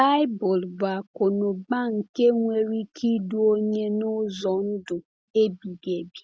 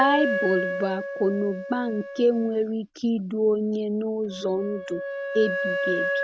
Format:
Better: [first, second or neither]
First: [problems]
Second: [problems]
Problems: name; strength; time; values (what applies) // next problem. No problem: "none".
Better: first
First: none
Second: background sound (Wind instrument, woodwind instrument); 5 dB below the speech